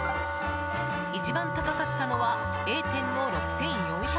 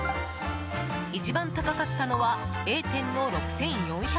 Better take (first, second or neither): second